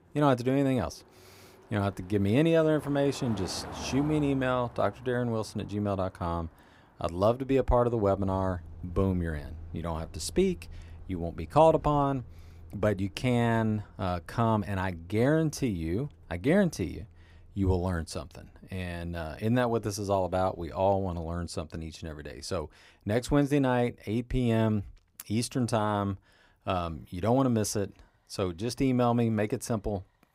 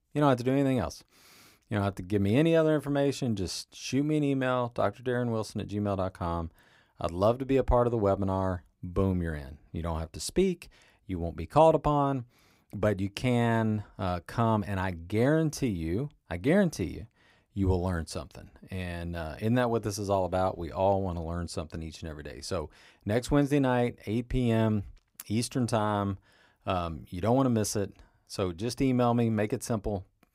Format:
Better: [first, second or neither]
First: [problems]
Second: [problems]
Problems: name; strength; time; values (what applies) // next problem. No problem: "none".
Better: second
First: traffic noise; noticeable; throughout; 20 dB below the speech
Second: none